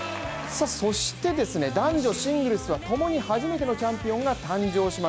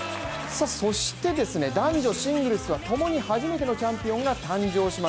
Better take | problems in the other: first | background sound (Tools); 20 dB below the speech

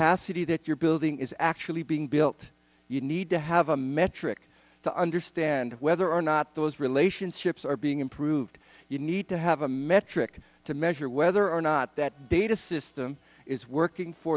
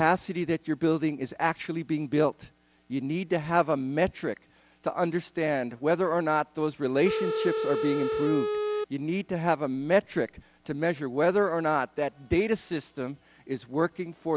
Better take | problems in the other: first | background sound (Telephone); 1 dB below the speech

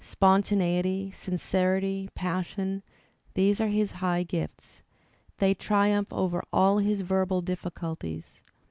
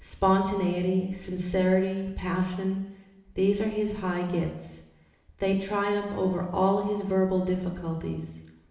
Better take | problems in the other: first | room echo; dies away in 1 s

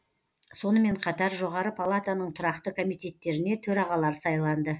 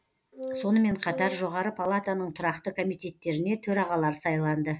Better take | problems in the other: first | background sound (Wind instrument, woodwind instrument); 9 dB below the speech

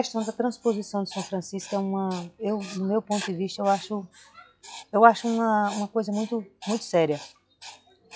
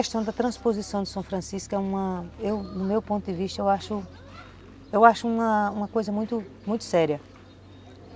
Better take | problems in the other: second | noise reduction (classical method log-MMSE)

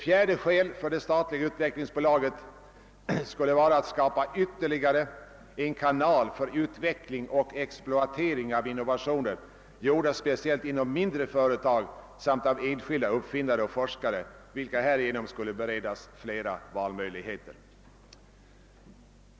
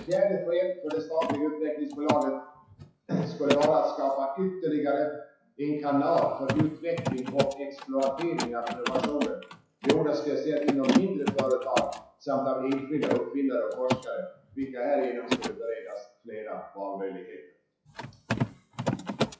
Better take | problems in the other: first | noise reduction (classical method WPE with log-MMSE)

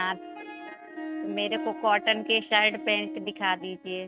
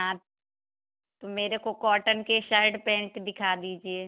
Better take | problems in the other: second | noise reduction (neural mask model RNNoise)

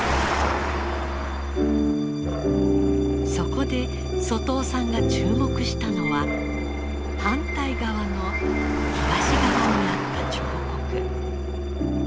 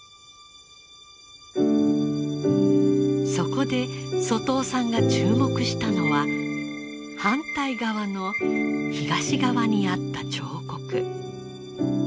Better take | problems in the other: second | background sound (Musical instrument + Engine); 1 dB below the speech

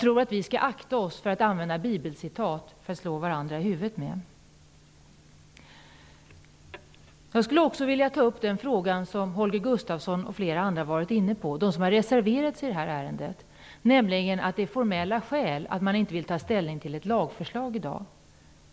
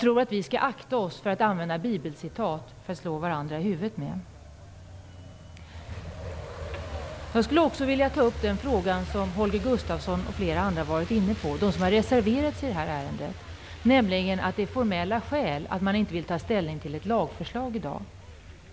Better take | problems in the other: first | background sound (Truck); 12 dB below the speech

